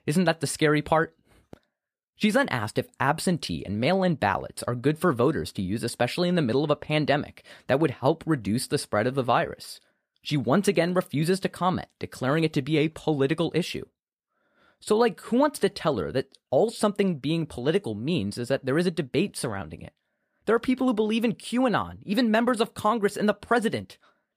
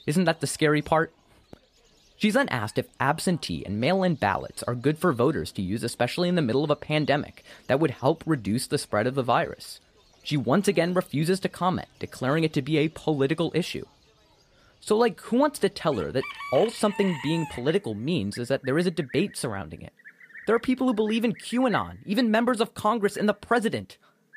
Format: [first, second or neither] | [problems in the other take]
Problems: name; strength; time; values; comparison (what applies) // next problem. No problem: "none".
first | animal sounds; noticeable; throughout; 20 dB below the speech